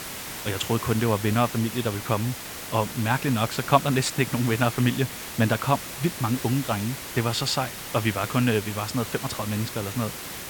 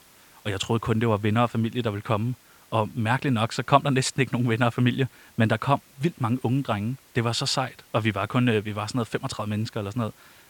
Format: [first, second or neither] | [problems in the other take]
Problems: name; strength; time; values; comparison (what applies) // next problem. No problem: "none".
second | hiss; loud; throughout; 8 dB below the speech; faint in the second